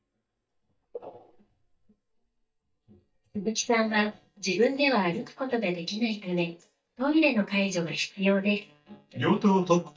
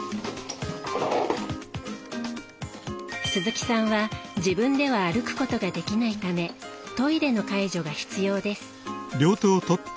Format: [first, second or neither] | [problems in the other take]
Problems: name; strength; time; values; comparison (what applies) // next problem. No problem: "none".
second | noise reduction (neural mask model DeepFilterNet 3)